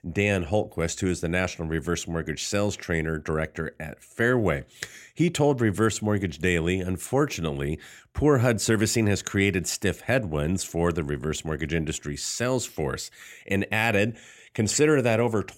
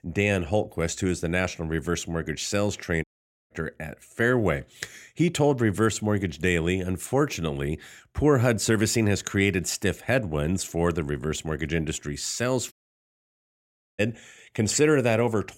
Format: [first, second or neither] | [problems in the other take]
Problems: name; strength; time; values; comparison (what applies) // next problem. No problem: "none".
first | audio cutting out; at 3 s and at 13 s for 1.5 s